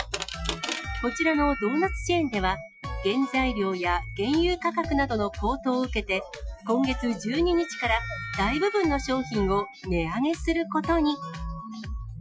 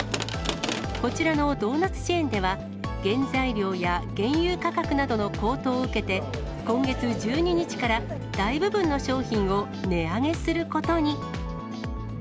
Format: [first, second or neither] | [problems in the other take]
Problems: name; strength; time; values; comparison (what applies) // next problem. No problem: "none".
second | noise reduction (classical method Wiener filter)